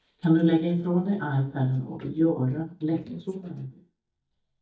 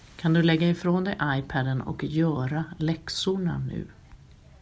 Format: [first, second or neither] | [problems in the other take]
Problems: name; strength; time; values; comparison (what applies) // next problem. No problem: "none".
second | noise reduction (neural mask model DeepFilterNet 3)